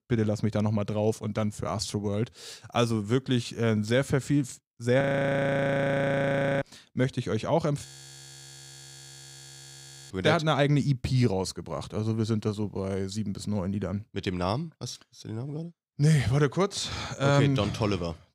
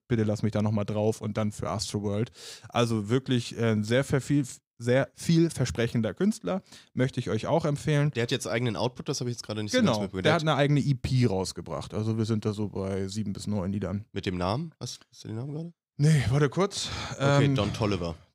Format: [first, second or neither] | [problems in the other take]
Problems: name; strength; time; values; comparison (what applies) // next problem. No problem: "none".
second | audio freezing; at 5 s for 1.5 s and at 8 s for 2.5 s